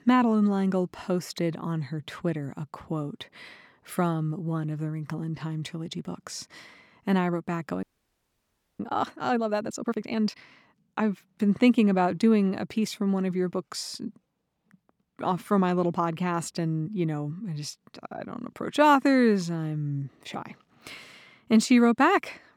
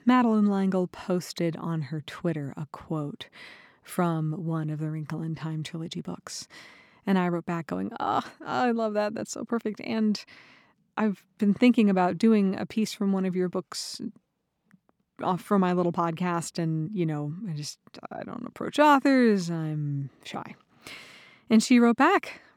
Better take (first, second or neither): second